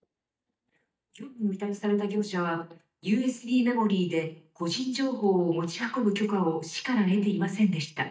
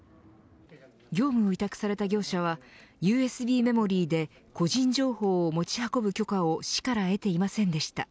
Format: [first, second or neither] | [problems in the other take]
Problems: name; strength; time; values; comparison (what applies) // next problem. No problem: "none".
second | noise reduction (neural mask model DeepFilterNet 3)